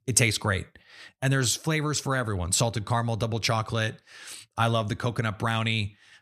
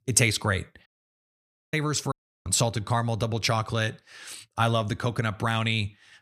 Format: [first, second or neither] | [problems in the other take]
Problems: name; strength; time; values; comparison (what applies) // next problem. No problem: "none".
first | audio cutting out; at 1 s for 1 s and at 2 s